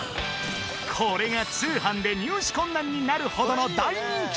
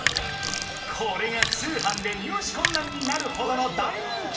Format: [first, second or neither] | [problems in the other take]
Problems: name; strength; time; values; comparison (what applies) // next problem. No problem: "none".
first | background sound (Sink (filling or washing)); 3 dB below the speech // room echo; dies away in 2.7 s